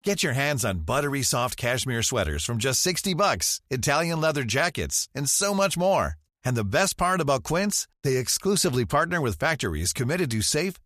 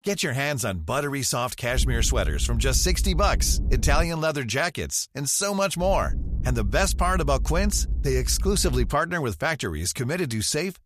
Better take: first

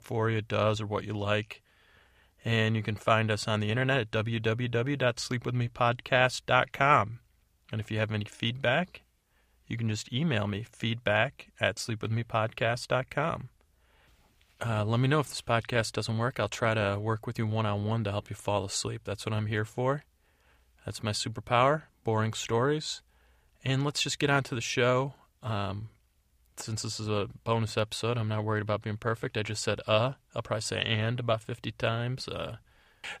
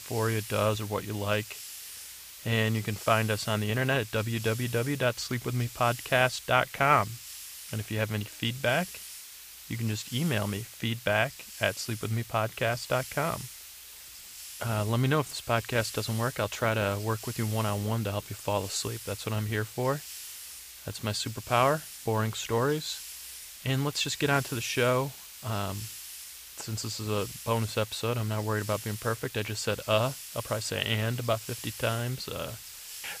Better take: first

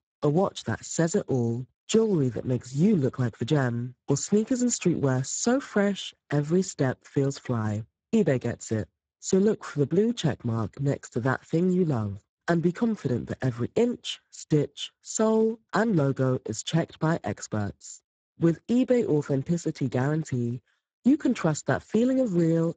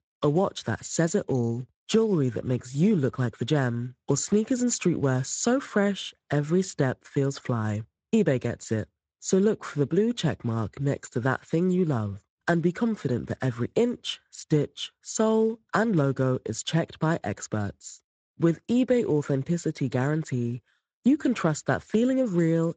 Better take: second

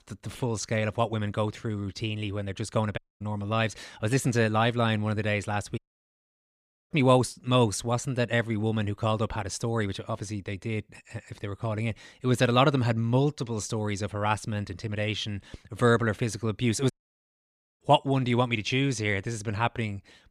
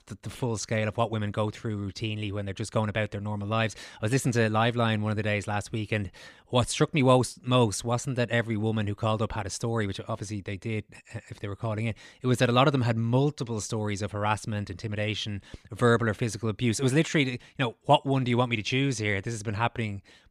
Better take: second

